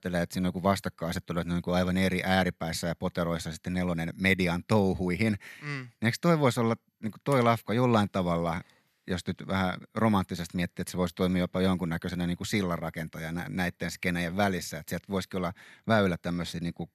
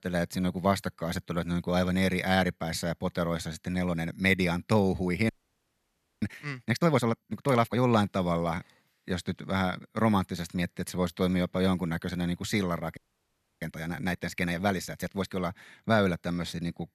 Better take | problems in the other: first | audio freezing; at 5.5 s for 1 s and at 13 s for 0.5 s

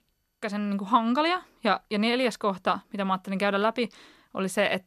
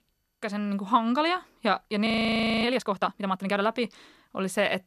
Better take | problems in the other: first | audio freezing; at 2 s for 0.5 s

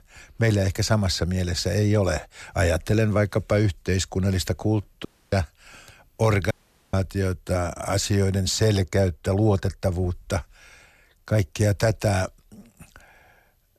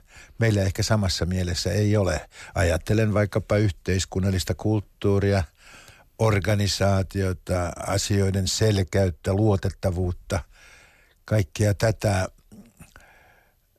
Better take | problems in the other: second | audio cutting out; at 5 s and at 6.5 s

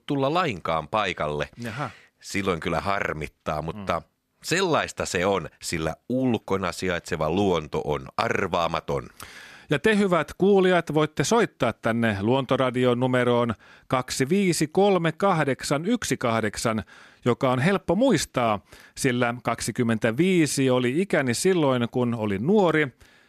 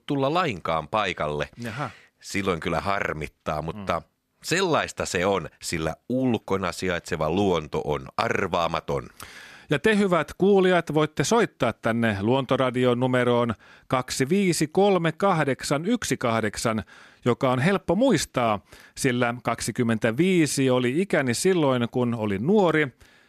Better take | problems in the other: neither | none

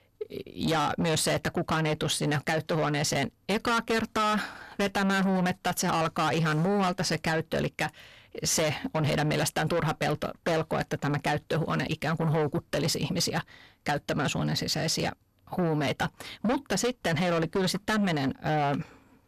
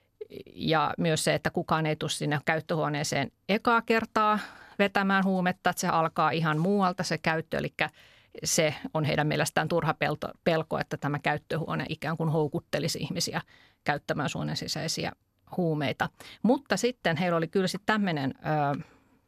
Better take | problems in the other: second | distortion; heavy; 7 dB below the speech

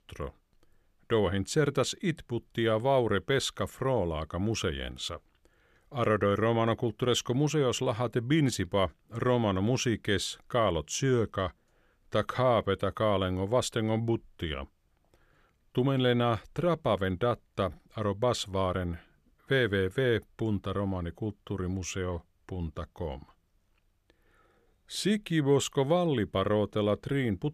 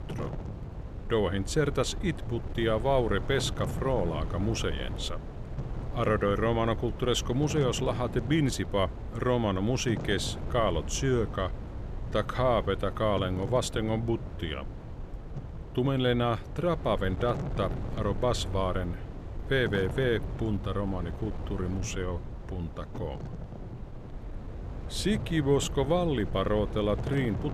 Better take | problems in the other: first | wind noise on the microphone; occasional gusts; 15 dB below the speech

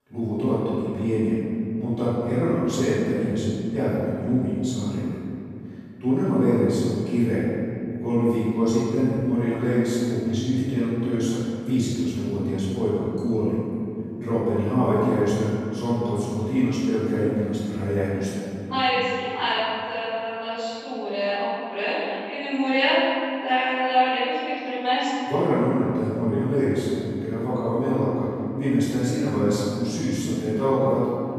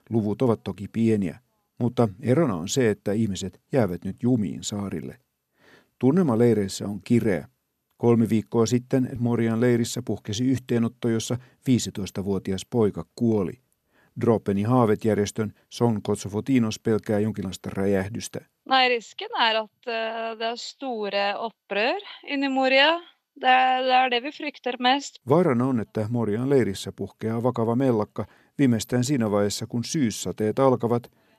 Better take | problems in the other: second | off-mic speech; far // room echo; strong; dies away in 2.7 s

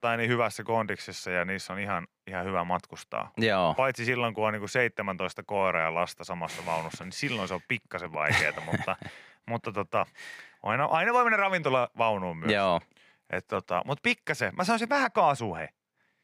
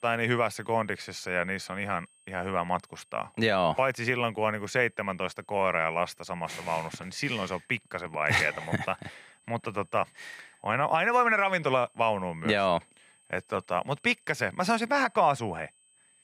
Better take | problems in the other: first | high-pitched whine; faint; throughout; 8 kHz, 35 dB below the speech

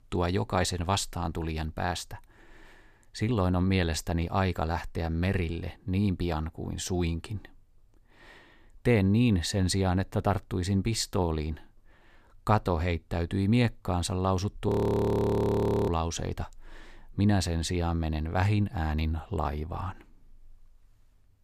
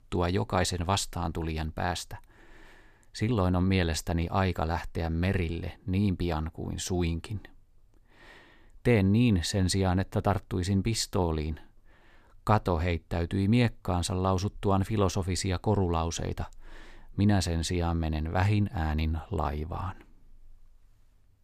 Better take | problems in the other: second | audio freezing; at 15 s for 1 s

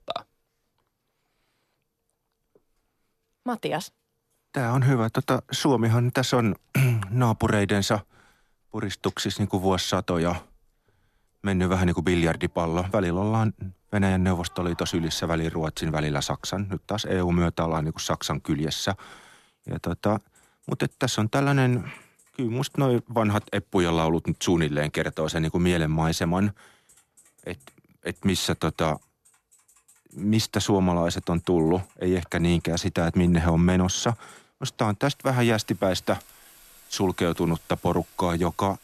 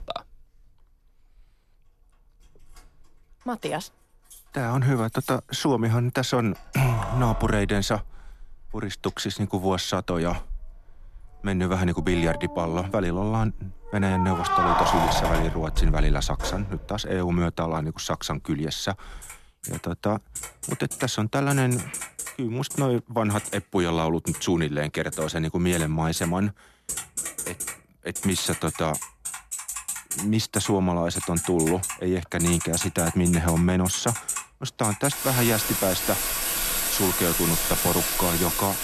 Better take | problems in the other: first | household noises; loud; throughout; 2 dB below the speech; faint in the first

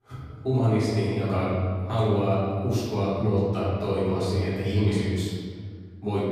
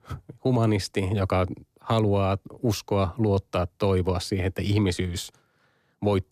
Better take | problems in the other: second | room echo; strong; dies away in 1.7 s // off-mic speech; far

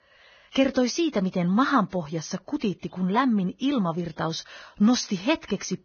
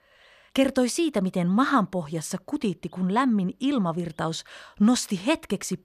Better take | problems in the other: second | garbled, watery; badly; nothing above 6.5 kHz

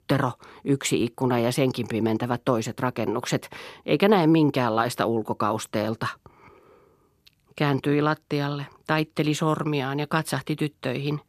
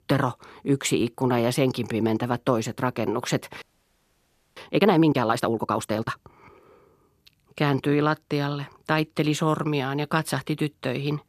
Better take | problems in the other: first | audio freezing; at 3.5 s for 1 s

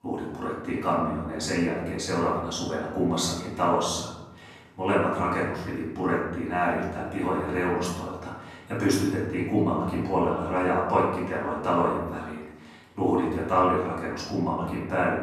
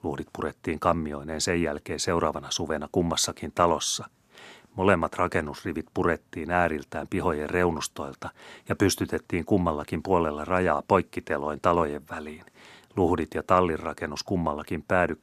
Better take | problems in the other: second | room echo; noticeable; dies away in 1 s // off-mic speech; far

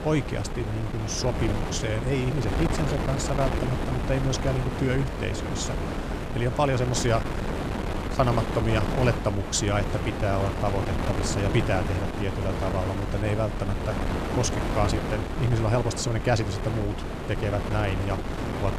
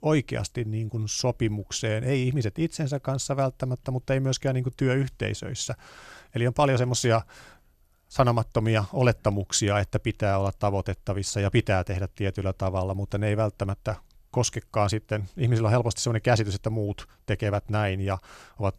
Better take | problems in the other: second | wind noise on the microphone; heavy; 3 dB below the speech

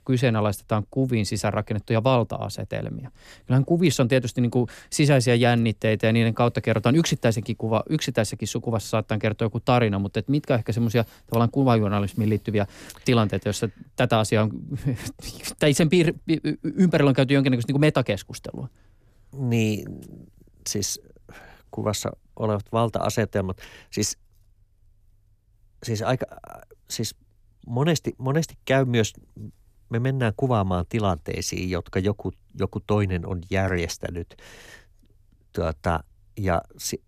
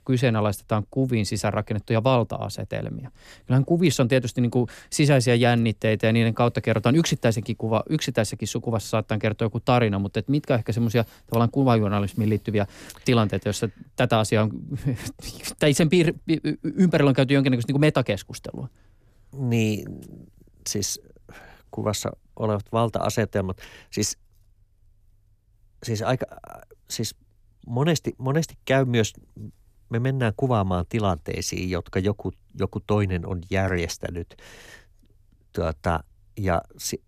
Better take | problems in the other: neither | none

